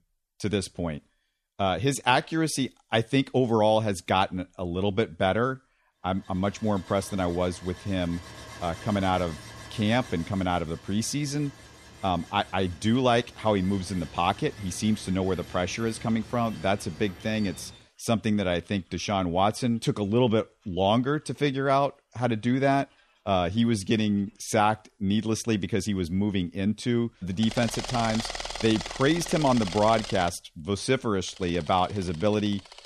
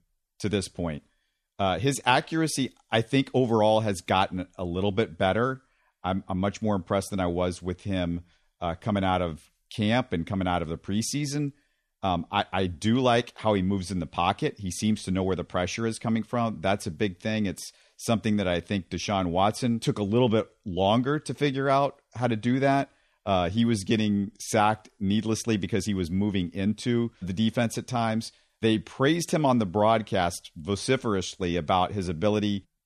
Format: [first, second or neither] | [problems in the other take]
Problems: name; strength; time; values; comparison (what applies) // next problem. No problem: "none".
second | machinery noise; noticeable; from 6.5 s on; 15 dB below the speech